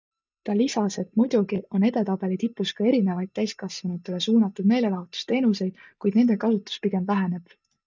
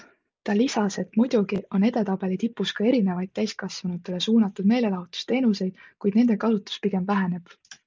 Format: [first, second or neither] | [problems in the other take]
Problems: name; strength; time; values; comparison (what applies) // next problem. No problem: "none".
second | noise reduction (neural mask model DeepFilterNet 3)